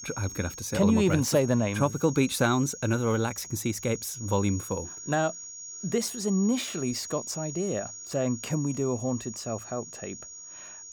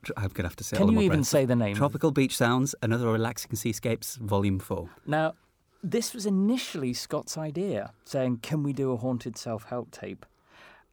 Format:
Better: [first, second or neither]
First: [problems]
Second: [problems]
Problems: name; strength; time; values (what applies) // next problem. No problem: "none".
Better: second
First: high-pitched whine; noticeable; throughout; 6.5 kHz, 10 dB below the speech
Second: none